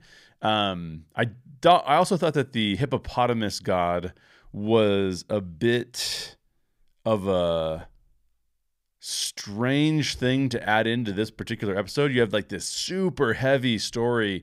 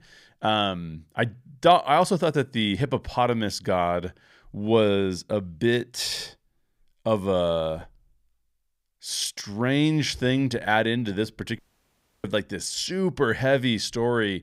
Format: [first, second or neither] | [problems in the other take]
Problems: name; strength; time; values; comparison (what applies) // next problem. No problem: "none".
first | audio cutting out; at 12 s for 0.5 s